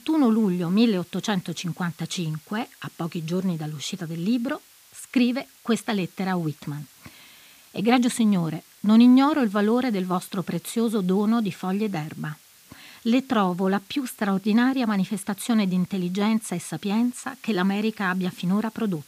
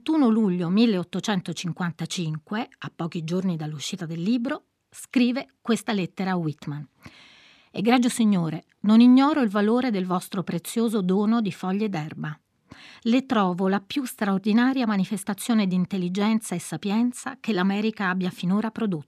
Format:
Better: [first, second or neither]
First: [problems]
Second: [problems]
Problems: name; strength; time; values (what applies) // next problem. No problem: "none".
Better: second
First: hiss; faint; throughout; 25 dB below the speech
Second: none